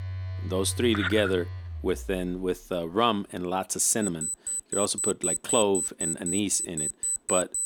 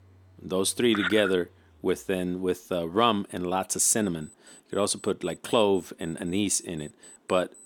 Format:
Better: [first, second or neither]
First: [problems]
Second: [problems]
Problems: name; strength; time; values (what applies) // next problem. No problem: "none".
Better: second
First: alarms or sirens; loud; throughout; 2 dB below the speech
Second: alarms or sirens; faint; throughout; 25 dB below the speech